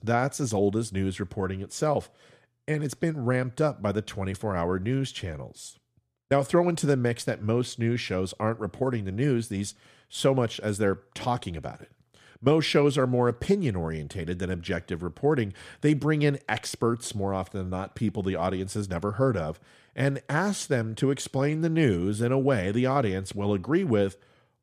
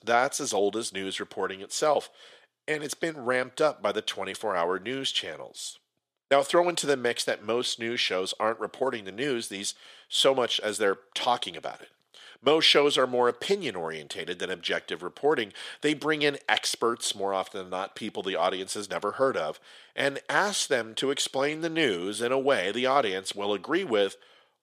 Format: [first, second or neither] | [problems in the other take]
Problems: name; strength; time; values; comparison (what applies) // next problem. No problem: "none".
first | thin; somewhat; fading below 450 Hz